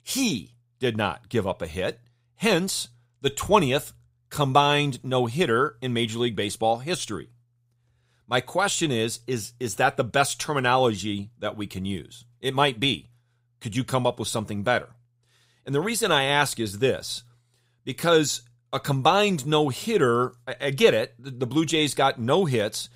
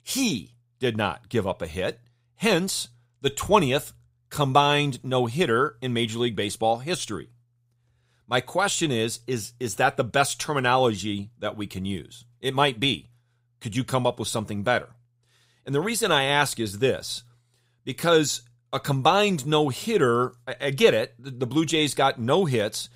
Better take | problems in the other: neither | none

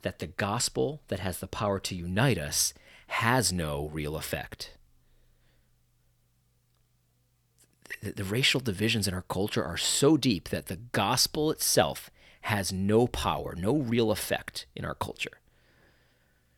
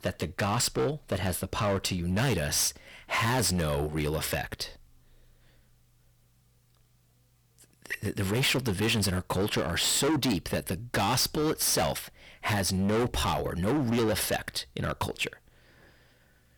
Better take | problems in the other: first | distortion; heavy; 14% of the sound clipped

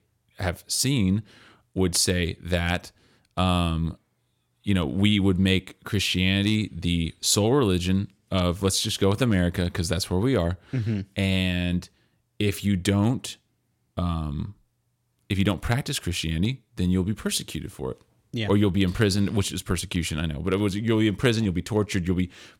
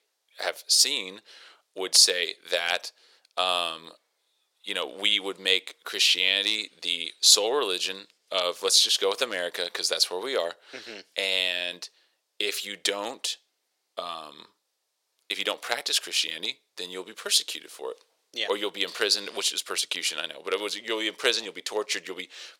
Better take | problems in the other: first | thin; very; fading below 500 Hz

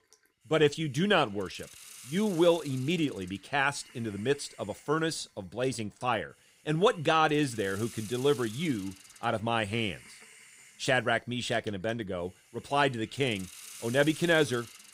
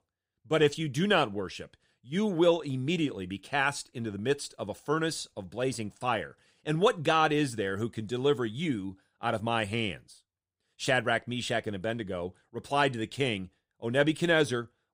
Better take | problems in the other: second | hiss; noticeable; throughout; 20 dB below the speech

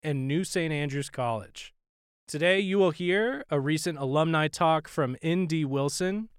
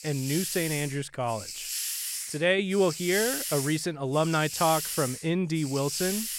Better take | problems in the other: first | hiss; loud; throughout; 5 dB below the speech

